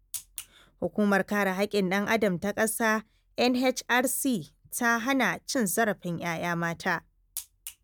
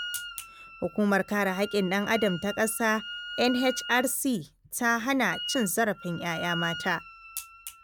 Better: first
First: none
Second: background sound (Wind instrument, woodwind instrument); 12 dB below the speech

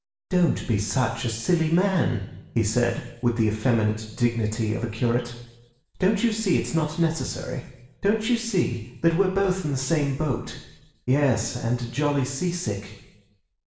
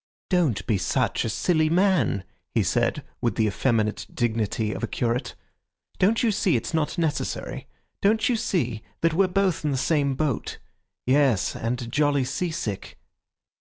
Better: second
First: room echo; dies away in 0.8 s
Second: none

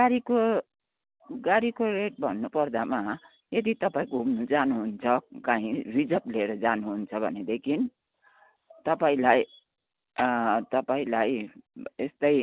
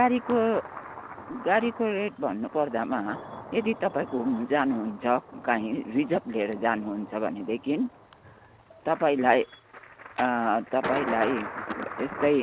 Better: first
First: none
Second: background sound (Thunder); 12 dB below the speech

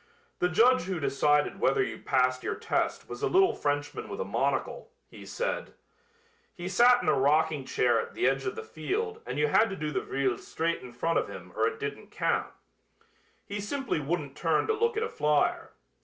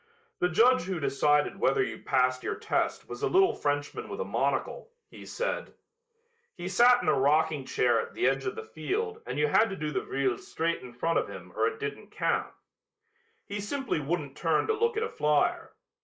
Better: first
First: none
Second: noise reduction (neural mask model Resemble Enhance denoiser)

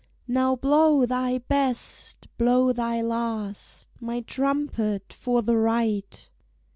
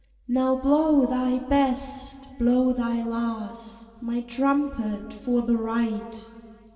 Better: first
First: none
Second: room echo; dies away in 2.2 s

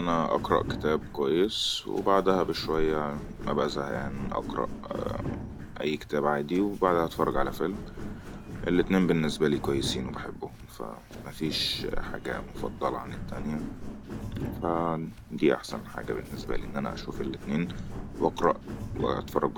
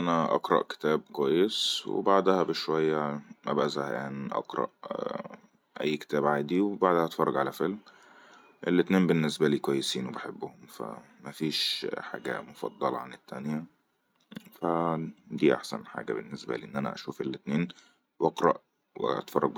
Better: second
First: background sound (Walk, footsteps); 8 dB below the speech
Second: none

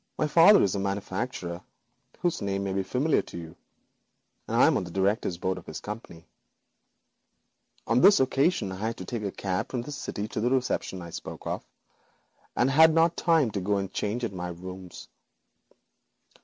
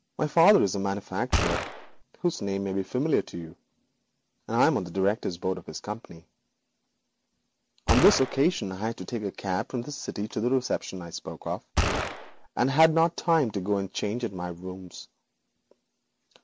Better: first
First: none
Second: background sound (Gunshot, gunfire); as loud as the speech

